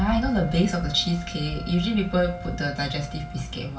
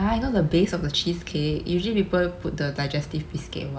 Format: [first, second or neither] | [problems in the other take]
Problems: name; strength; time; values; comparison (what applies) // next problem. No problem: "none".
second | background sound (Wind instrument, woodwind instrument); 17 dB below the speech // room echo; dies away in 0.2 s